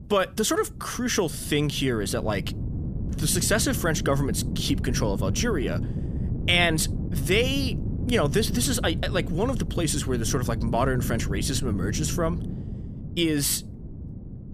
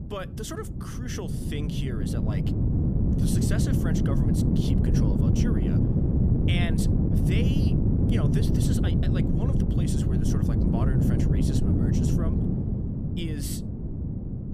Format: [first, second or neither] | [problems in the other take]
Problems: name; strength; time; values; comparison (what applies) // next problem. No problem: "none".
first | wind noise on the microphone; heavy; 5 dB above the speech; occasional gusts in the first